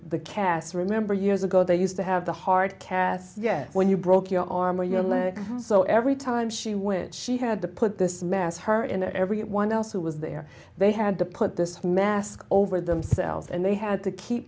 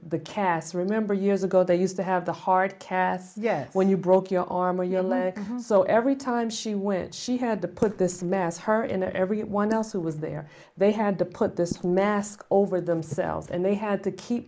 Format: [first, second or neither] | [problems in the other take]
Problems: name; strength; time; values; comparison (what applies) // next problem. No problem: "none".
first | noise reduction (neural mask model Resemble Enhance denoiser)